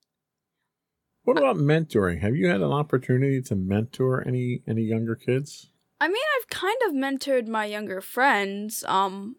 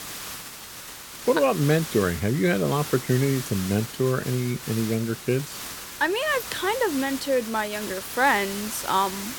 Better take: first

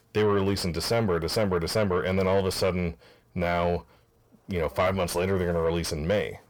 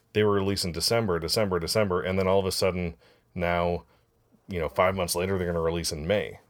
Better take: second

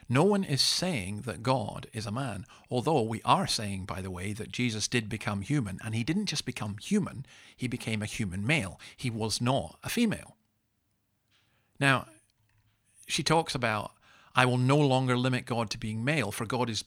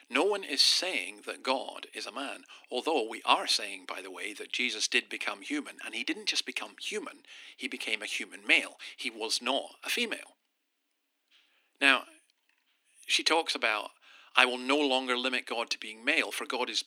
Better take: first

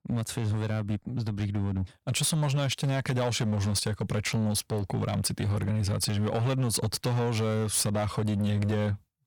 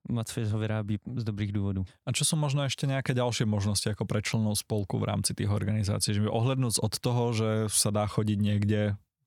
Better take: second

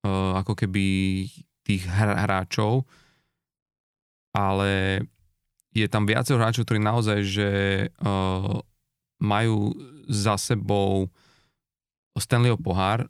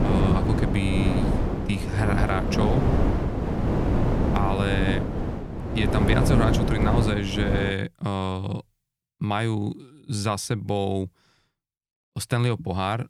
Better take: first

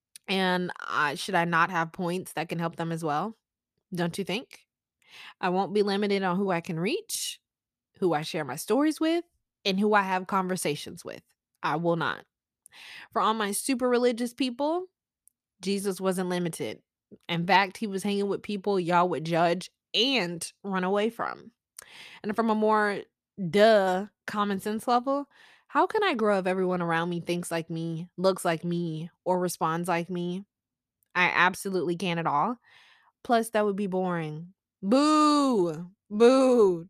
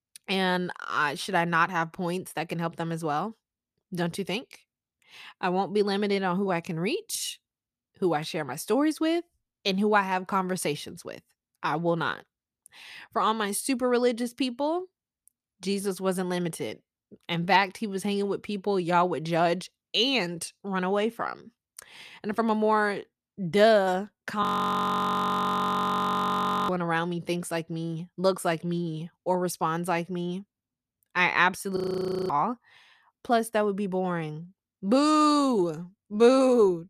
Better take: first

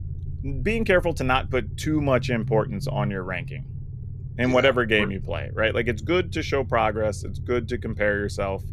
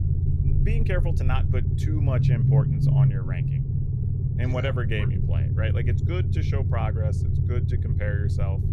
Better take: first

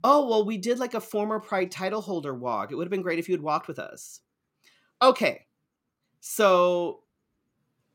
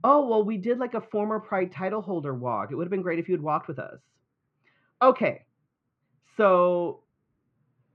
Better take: first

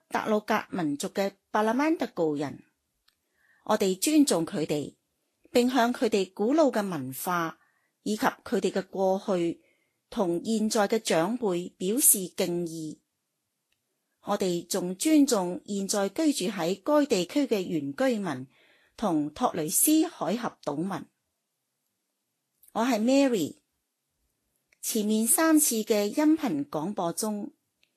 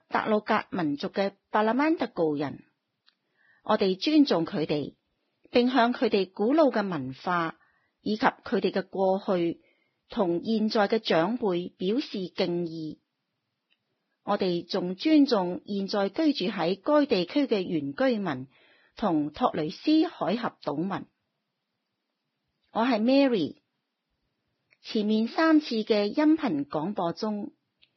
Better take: first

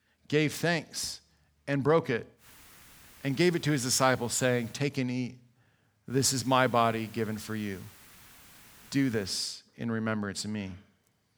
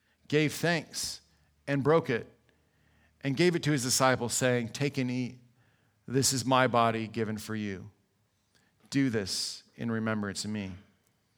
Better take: second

